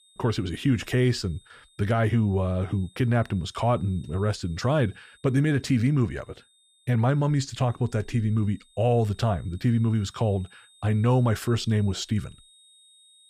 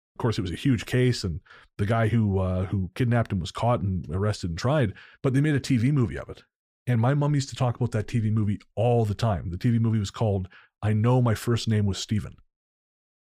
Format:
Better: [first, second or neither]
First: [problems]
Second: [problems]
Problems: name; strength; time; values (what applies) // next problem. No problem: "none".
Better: second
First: high-pitched whine; faint; throughout; 3.5 kHz, 30 dB below the speech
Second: none